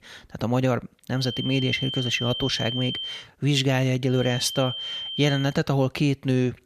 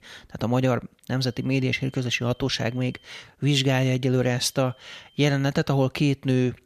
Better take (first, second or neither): second